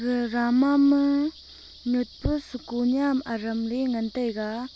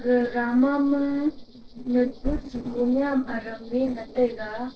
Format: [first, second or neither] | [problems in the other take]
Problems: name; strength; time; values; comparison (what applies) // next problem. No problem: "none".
first | noise reduction (neural separator model SepFormer DNS4)